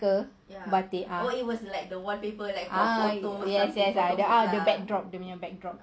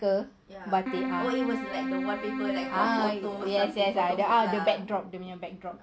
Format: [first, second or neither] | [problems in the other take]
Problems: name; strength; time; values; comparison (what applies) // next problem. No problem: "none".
first | background sound (Keyboard (musical)); 5 dB below the speech